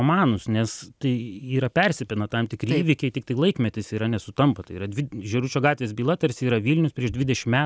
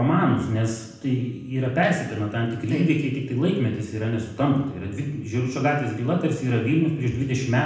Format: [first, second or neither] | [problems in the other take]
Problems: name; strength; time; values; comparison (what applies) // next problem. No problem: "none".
first | room echo; dies away in 0.8 s